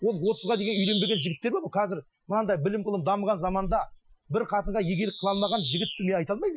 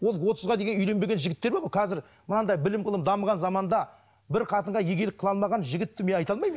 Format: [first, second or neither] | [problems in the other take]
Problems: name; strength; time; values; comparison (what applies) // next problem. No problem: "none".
second | noise reduction (classical method Wiener filter)